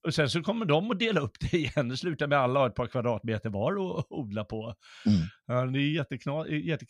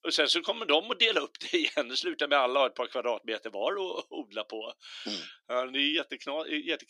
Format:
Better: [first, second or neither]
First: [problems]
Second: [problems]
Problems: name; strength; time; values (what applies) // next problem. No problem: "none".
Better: first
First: none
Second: thin; somewhat; fading below 300 Hz